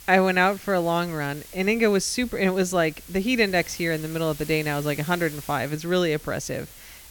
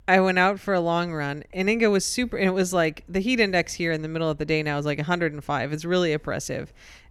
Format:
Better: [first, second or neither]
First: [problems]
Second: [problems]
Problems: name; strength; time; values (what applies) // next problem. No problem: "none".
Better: second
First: hiss; noticeable; throughout; 15 dB below the speech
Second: none